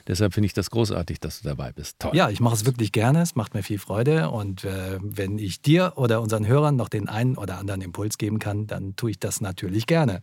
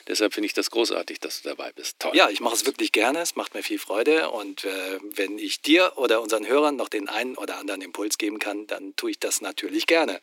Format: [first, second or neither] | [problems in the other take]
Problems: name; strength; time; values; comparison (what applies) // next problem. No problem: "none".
first | thin; very; fading below 300 Hz